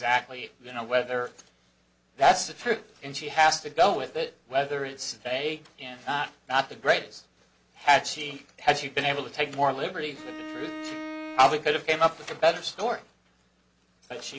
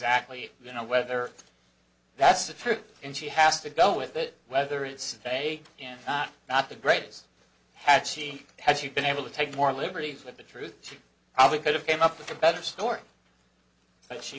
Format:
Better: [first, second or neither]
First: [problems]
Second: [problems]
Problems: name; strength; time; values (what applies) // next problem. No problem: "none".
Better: second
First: background sound (Bowed string instrument); 10 dB below the speech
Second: none